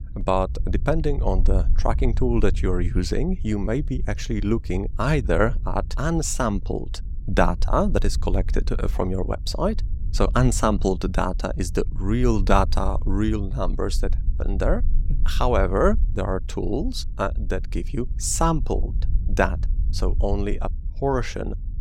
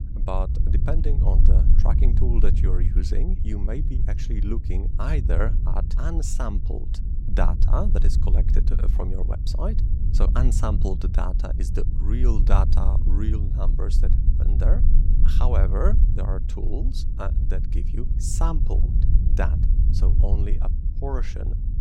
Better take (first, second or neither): first